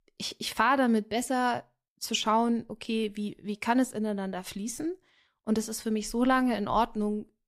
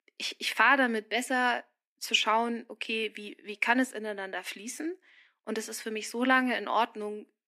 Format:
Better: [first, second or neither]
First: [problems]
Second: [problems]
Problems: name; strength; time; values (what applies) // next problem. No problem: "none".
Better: first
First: none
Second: thin; very slightly; fading below 250 Hz